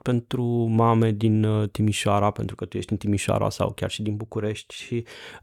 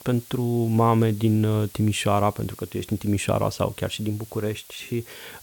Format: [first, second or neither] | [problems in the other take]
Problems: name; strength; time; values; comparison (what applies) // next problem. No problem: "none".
first | hiss; noticeable; throughout; 20 dB below the speech